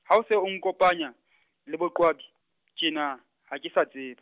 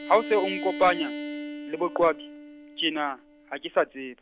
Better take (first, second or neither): first